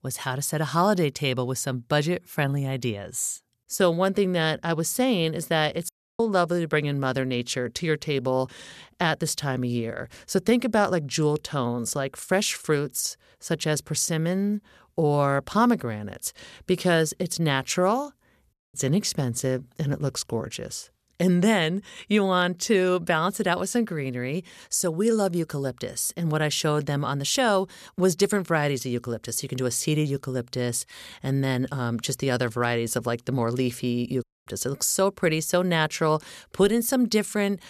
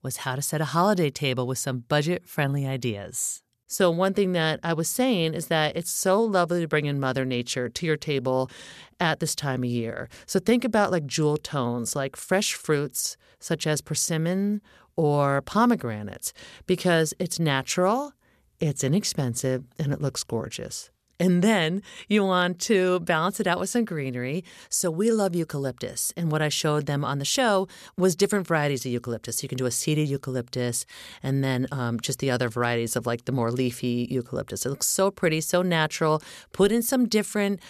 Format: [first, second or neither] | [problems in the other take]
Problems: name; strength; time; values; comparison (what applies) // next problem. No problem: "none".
second | audio cutting out; at 6 s, at 19 s and at 34 s